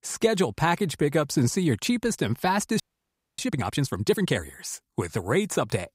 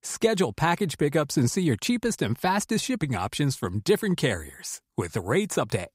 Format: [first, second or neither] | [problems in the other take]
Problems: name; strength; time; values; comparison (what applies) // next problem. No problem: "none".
second | audio freezing; at 3 s for 0.5 s